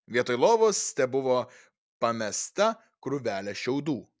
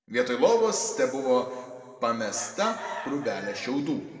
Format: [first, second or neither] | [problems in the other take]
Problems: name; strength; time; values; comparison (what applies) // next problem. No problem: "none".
first | background sound (Chicken, rooster); 15 dB below the speech // room echo; dies away in 1.6 s